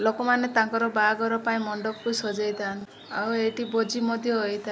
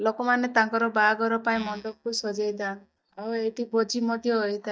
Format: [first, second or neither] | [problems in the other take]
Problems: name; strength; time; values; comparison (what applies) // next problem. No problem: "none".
first | noise reduction (neural mask model DeepFilterNet 3)